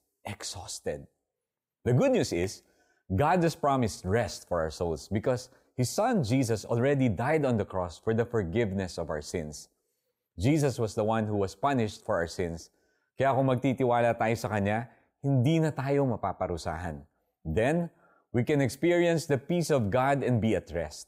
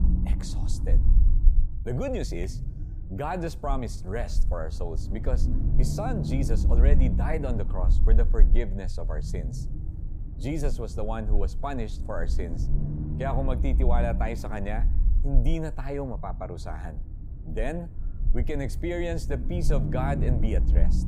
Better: first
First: none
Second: low rumble; loud; throughout; 10 dB below the speech

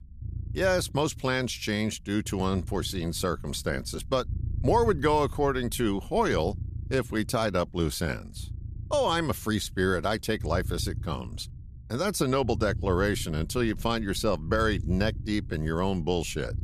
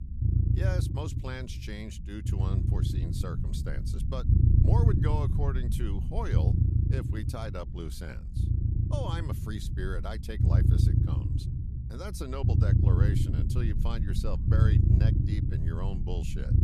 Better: first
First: low rumble; faint; throughout; 25 dB below the speech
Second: low rumble; loud; throughout; as loud as the speech

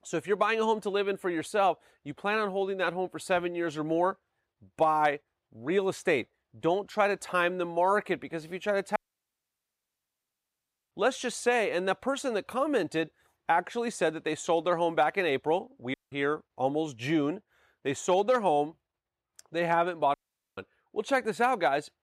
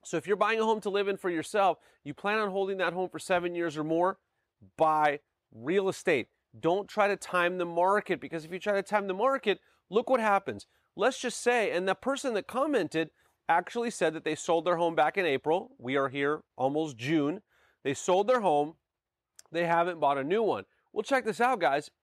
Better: second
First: audio cutting out; at 9 s for 2 s, at 16 s and at 20 s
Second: none

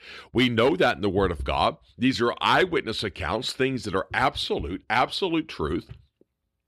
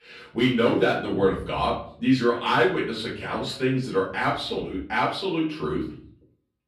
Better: first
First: none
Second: room echo; slight; dies away in 0.4 s // off-mic speech; far

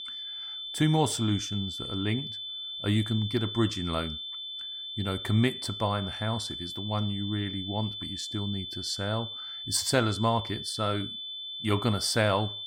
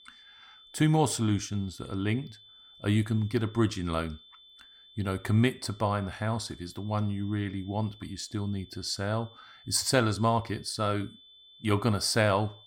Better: second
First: high-pitched whine; loud; throughout; 3.5 kHz, 6 dB below the speech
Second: high-pitched whine; faint; throughout; 3.5 kHz, 25 dB below the speech

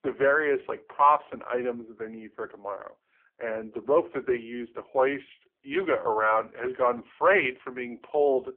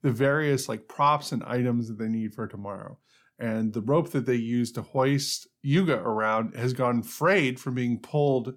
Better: second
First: phone-call audio; poor line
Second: none

